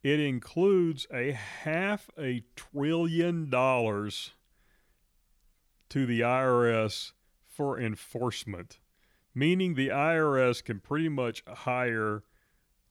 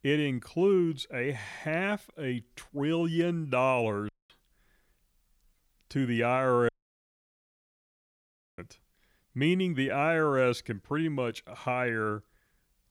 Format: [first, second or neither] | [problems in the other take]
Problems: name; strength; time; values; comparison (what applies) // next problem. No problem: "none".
first | audio cutting out; at 4 s and at 6.5 s for 2 s